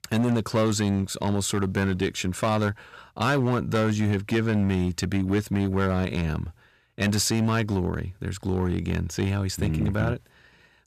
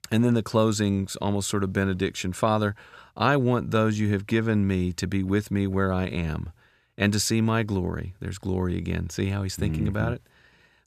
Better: second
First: distortion; slight; 8% of the sound clipped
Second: none

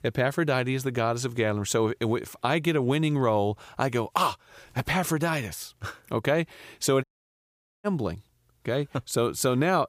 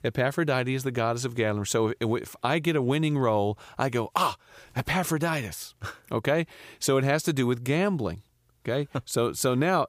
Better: second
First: audio cutting out; at 7 s for 1 s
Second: none

